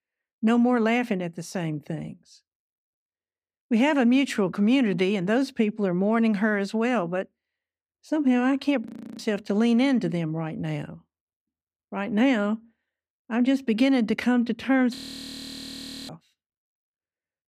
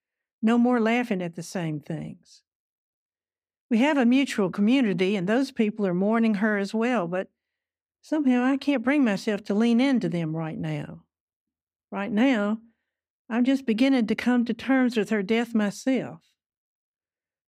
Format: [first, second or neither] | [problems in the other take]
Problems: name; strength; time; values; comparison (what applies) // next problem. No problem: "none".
second | audio freezing; at 9 s and at 15 s for 1 s